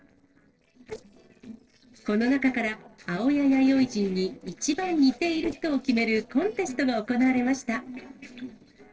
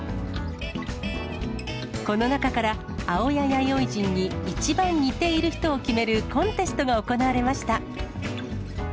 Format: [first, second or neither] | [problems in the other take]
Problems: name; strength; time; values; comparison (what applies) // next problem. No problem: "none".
second | noise reduction (neural separator model SepFormer DNS4)